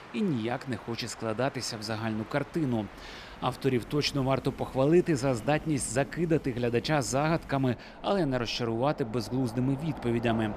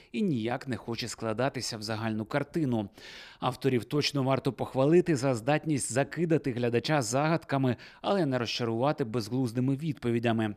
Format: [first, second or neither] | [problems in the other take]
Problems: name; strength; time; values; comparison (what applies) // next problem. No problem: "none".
second | train or aircraft noise; noticeable; throughout; 15 dB below the speech